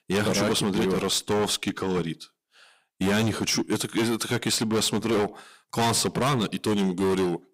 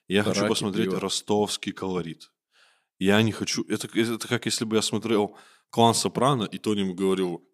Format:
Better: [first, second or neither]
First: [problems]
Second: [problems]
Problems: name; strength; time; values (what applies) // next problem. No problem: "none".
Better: second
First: distortion; heavy; 19% of the sound clipped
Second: none